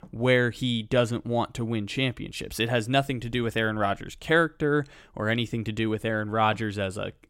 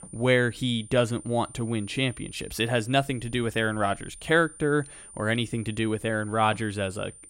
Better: first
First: none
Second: high-pitched whine; noticeable; throughout; 9 kHz, 20 dB below the speech

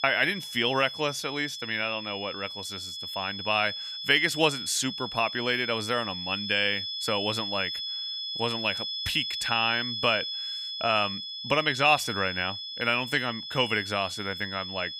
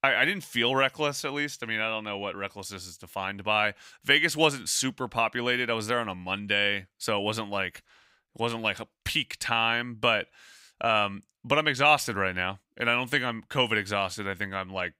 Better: second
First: high-pitched whine; loud; throughout; 3.5 kHz, 5 dB below the speech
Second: none

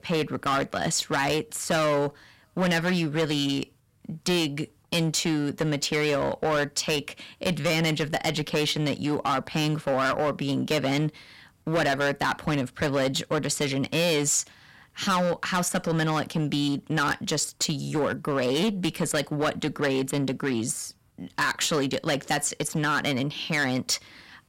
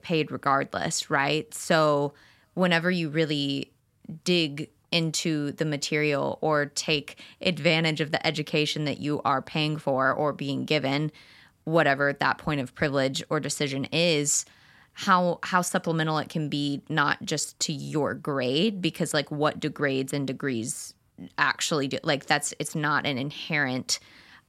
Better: second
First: distortion; heavy; 12% of the sound clipped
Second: none

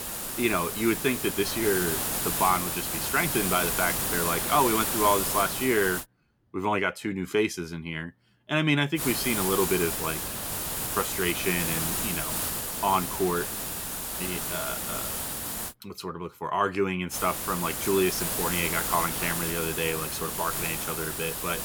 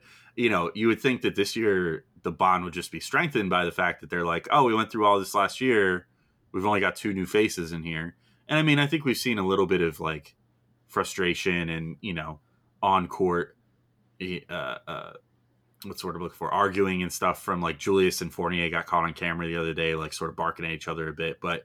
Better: second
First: hiss; loud; until 6 s, from 9 to 16 s and from 17 s on; 1 dB below the speech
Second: none

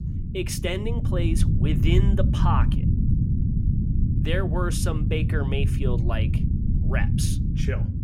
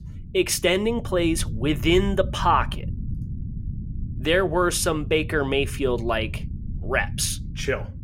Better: second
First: low rumble; loud; throughout; 5 dB below the speech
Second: low rumble; faint; throughout; 20 dB below the speech

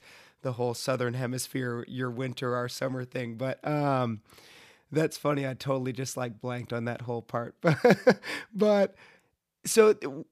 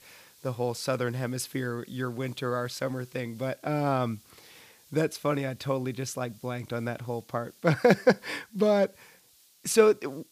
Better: first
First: none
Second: hiss; faint; throughout; 25 dB below the speech

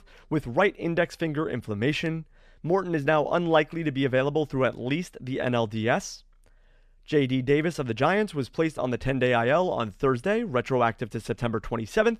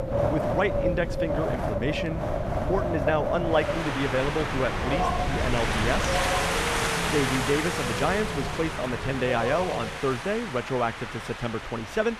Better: first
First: none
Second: wind in the background; very loud; throughout; 1 dB above the speech

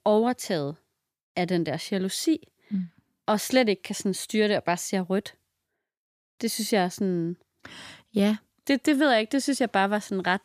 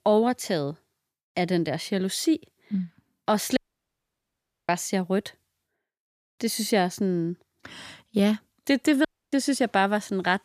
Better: first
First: none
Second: audio cutting out; at 3.5 s for 1 s and at 9 s

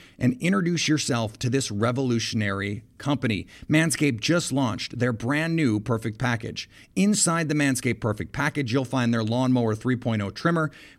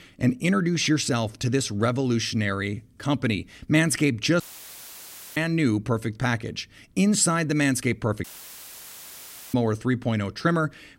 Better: first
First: none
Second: audio cutting out; filled with static; at 4.5 s for 1 s and at 8 s for 1.5 s

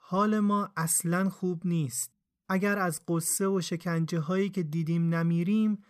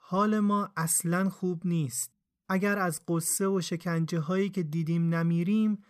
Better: neither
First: none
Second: none

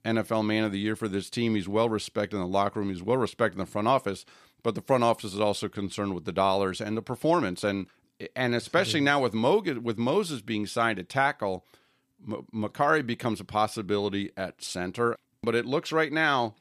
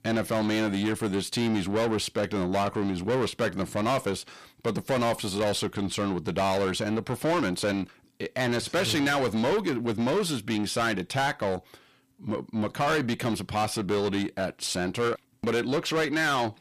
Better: first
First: none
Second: distortion; heavy; 6 dB below the speech

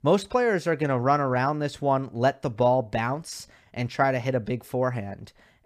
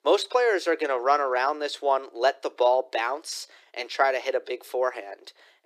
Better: first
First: none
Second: thin; very; fading below 300 Hz

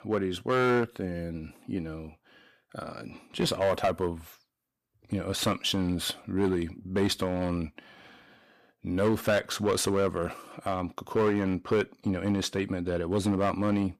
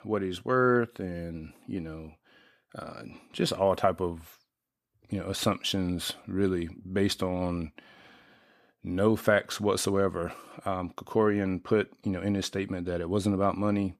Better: second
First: distortion; slight; 4% of the sound clipped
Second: none

